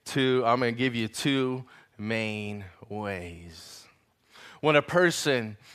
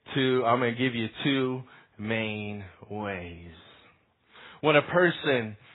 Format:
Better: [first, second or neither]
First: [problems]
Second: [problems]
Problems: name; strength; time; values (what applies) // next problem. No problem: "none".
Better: first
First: none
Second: garbled, watery; badly; nothing above 4 kHz